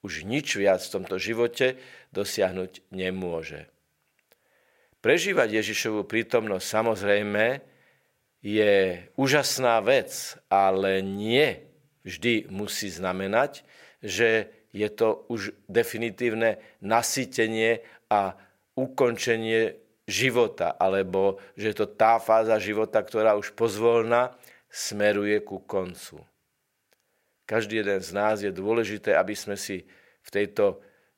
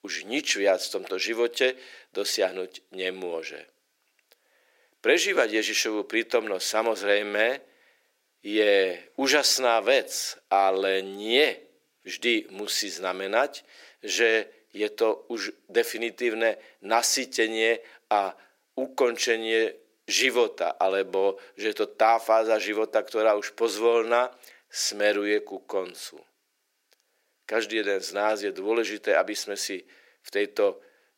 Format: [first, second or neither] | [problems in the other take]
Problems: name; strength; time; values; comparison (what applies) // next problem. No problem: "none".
first | thin; very slightly; fading below 300 Hz